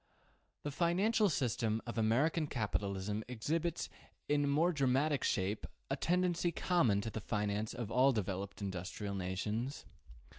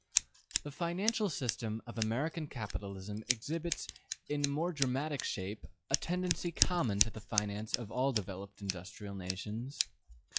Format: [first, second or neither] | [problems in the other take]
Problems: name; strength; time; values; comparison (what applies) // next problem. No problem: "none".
first | noise reduction (classical method log-MMSE)